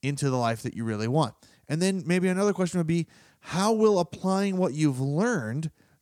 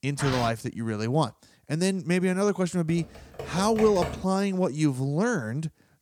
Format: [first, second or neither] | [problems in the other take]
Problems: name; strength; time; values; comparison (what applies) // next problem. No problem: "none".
first | footsteps; noticeable; at the start; peak 6 dB below the speech // keyboard typing; noticeable; from 3 to 4 s; peak 7 dB below the speech